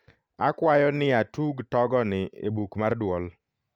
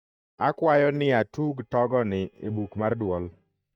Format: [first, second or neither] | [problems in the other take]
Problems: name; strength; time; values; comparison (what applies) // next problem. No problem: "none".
first | noise reduction (neural mask model DeepFilterNet 3)